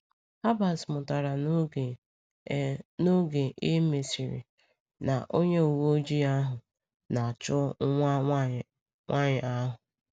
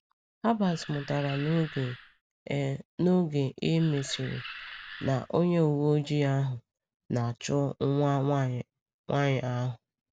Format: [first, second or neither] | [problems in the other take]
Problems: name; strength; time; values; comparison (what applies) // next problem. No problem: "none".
first | background sound (Animal); 15 dB below the speech